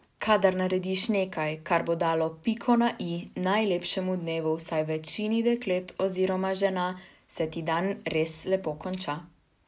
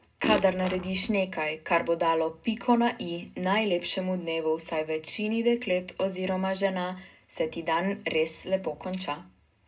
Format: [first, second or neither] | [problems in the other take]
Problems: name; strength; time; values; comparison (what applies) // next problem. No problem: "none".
first | background sound (Fart); 6 dB below the speech // room echo; dies away in 0.2 s